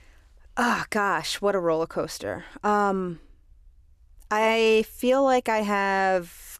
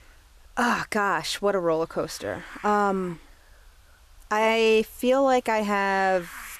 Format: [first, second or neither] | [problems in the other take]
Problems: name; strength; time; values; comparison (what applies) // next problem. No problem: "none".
first | hiss; faint; throughout; 25 dB below the speech